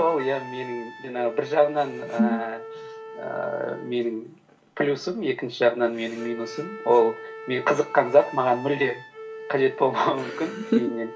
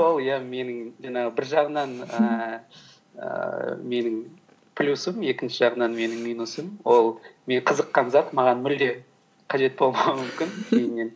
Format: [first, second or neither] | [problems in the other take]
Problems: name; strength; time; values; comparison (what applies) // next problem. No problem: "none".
second | background sound (Wind instrument, woodwind instrument); 14 dB below the speech // room echo; dies away in 0.2 s